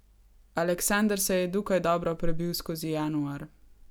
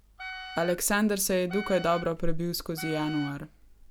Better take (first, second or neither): first